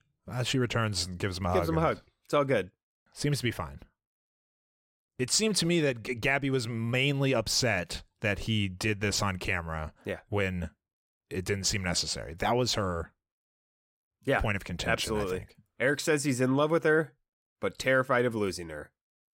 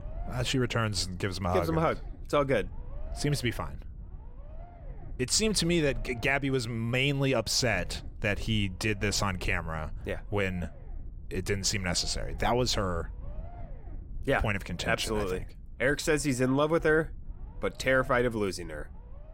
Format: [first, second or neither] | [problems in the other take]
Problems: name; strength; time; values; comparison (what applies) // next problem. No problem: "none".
first | low rumble; faint; throughout; 25 dB below the speech